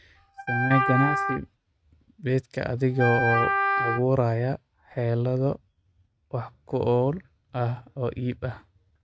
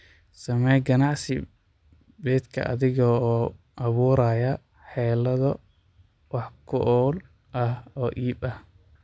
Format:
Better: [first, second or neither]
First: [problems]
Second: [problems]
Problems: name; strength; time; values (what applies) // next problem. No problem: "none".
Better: second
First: noise reduction (neural mask model RNNoise)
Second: none